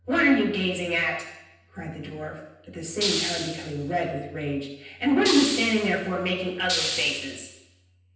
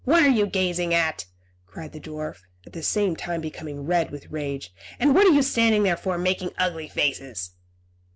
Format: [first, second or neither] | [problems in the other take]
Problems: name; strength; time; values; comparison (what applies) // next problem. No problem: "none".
second | background sound (Hiss); 5 dB below the speech // room echo; dies away in 0.9 s